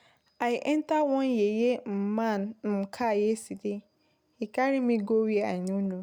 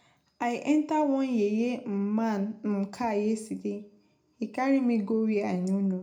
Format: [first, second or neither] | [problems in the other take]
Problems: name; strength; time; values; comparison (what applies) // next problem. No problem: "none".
first | room echo; dies away in 0.3 s